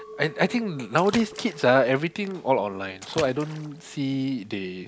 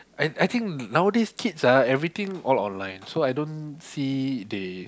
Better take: second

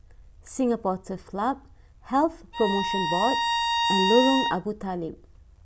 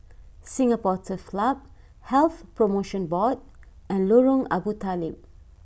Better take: second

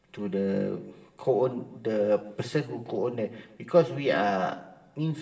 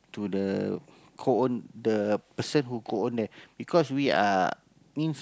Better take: second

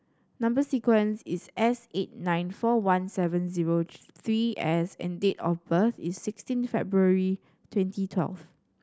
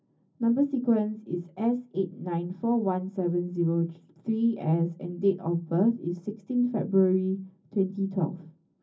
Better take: first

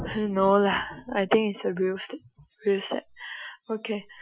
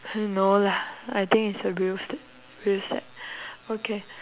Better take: second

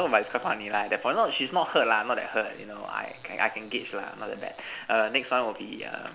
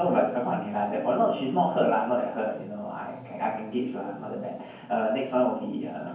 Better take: first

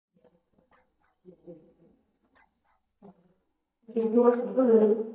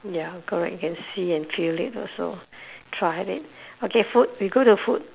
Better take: second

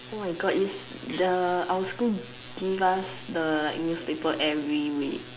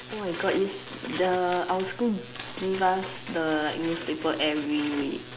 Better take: first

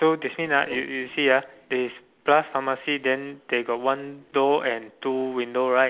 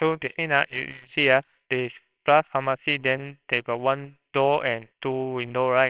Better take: first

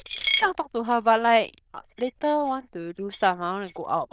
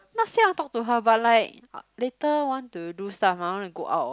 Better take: second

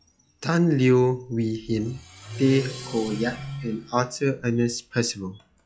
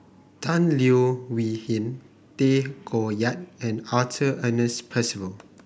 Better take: second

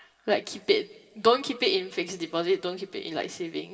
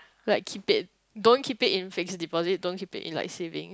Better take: second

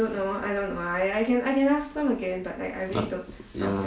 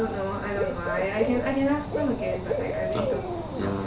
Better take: first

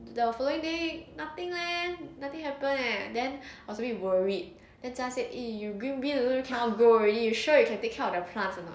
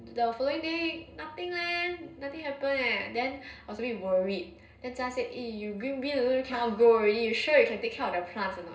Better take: first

